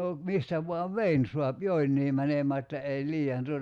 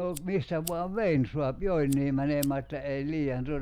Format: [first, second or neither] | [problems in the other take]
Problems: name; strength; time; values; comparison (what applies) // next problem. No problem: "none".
first | background sound (Bird vocalization, bird call, bird song + Fire); 13 dB below the speech